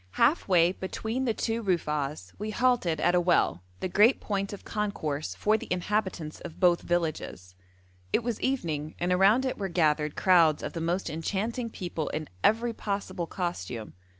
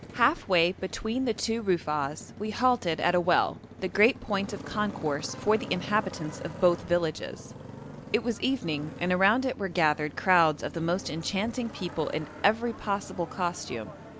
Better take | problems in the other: first | background sound (Motorcycle); 15 dB below the speech

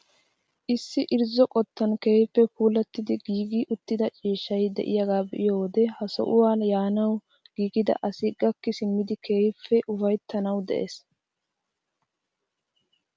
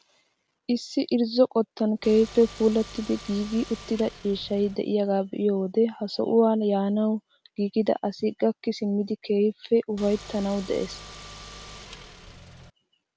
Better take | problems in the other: first | background sound (Car); 17 dB below the speech

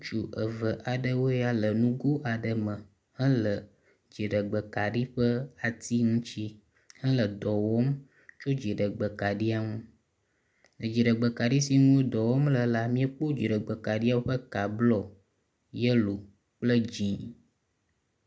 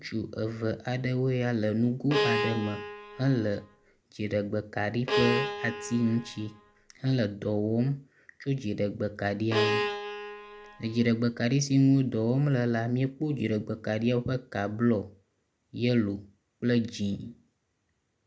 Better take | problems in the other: first | background sound (Bowed string instrument); 4 dB below the speech

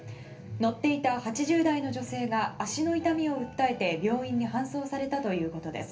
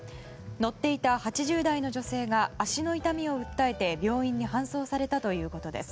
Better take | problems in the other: second | room echo; dies away in 0.3 s

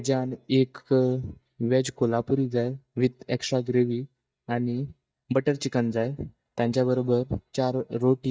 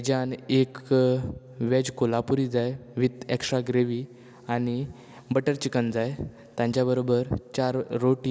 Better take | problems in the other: second | noise reduction (neural mask model DeepFilterNet 3)

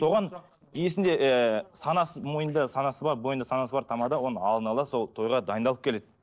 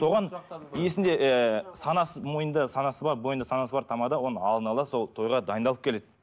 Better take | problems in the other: second | noise reduction (neural separator model SepFormer DNS4)

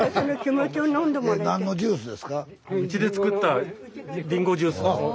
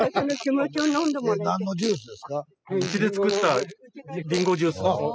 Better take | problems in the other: first | noise reduction (classical method spectral subtraction)

